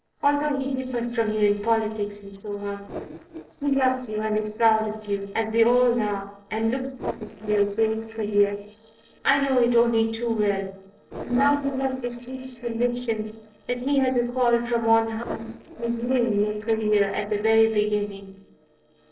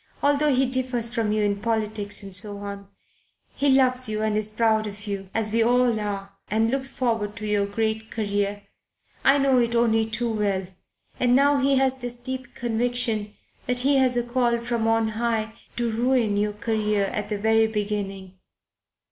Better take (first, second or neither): second